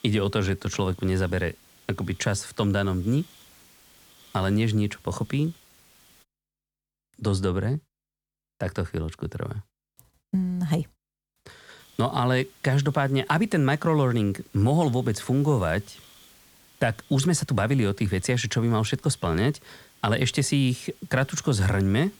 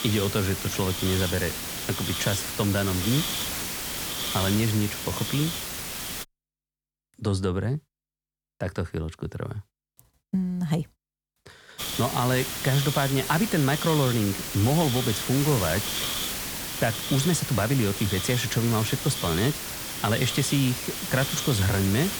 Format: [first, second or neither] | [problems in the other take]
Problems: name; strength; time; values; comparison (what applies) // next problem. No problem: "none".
first | hiss; loud; until 6 s and from 12 s on; 3 dB below the speech; faint in the first